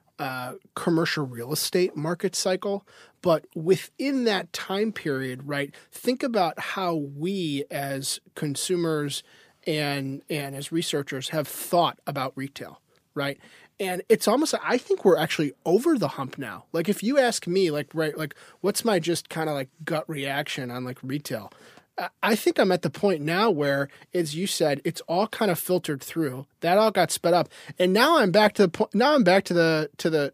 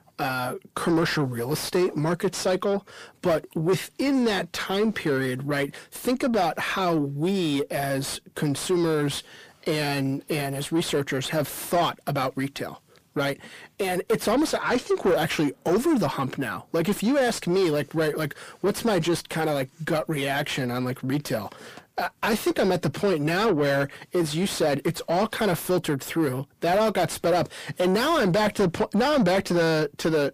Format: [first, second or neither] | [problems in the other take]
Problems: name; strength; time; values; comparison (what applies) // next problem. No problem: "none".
first | distortion; heavy; 7 dB below the speech